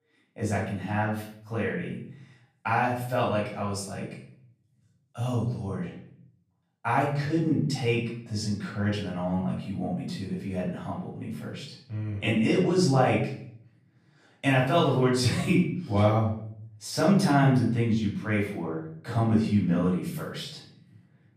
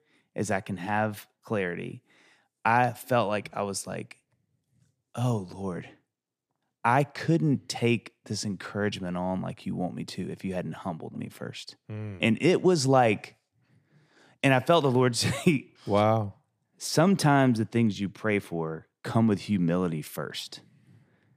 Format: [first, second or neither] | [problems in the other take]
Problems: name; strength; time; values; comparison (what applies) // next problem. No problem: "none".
second | off-mic speech; far // room echo; noticeable; dies away in 0.6 s